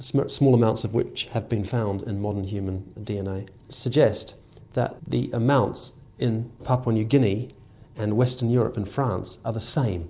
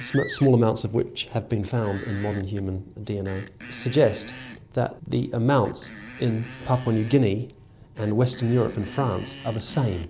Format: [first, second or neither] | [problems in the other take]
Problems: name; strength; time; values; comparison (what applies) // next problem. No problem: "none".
first | background sound (Screech); 17 dB below the speech